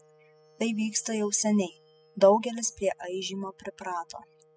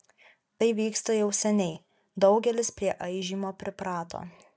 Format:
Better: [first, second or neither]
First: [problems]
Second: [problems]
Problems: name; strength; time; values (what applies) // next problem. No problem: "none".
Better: second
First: noise reduction (classical method spectral subtraction)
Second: none